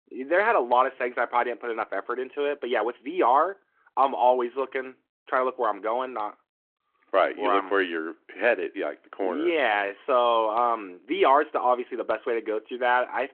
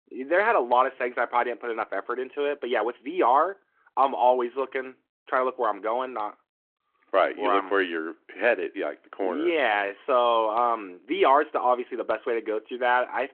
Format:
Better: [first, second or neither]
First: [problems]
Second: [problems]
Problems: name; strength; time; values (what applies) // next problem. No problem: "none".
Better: neither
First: phone-call audio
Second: phone-call audio